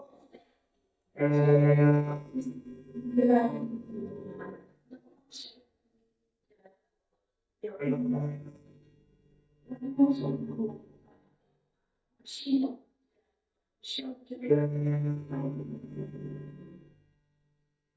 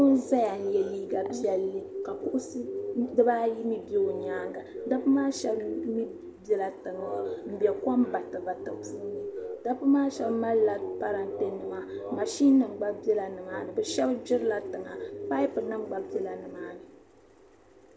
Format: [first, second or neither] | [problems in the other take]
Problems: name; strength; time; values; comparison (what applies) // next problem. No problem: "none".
second | noise reduction (neural mask model DeepFilterNet 3)